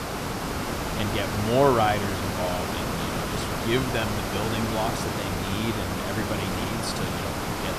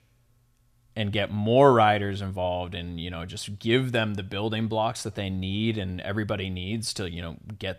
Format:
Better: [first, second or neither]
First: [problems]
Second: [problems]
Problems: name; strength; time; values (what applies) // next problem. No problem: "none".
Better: second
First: hiss; loud; throughout; as loud as the speech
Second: none